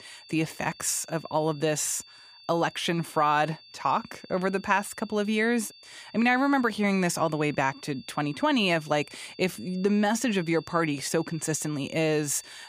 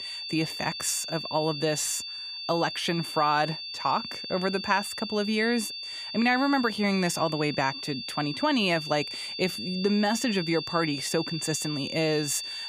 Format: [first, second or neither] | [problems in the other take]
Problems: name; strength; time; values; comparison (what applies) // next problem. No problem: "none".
first | high-pitched whine; loud; throughout; 4.5 kHz, 6 dB below the speech; faint in the first